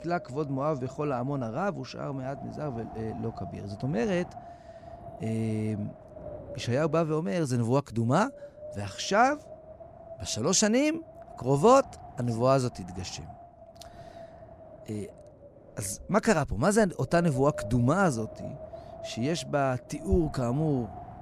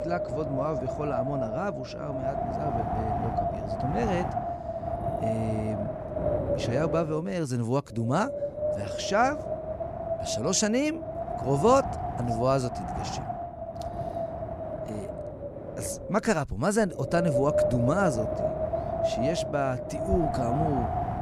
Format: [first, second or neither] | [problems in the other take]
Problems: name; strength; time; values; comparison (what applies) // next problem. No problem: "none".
first | wind noise on the microphone; heavy; 2 dB below the speech; occasional gusts in the first